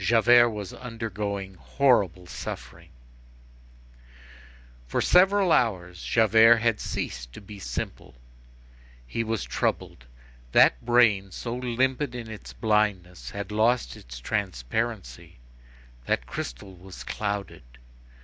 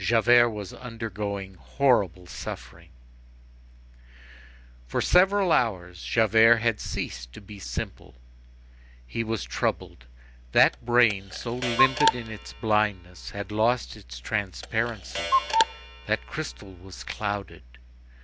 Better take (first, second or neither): first